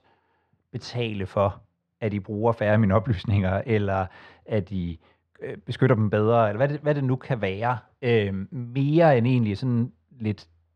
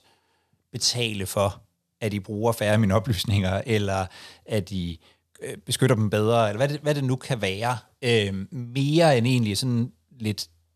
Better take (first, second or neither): second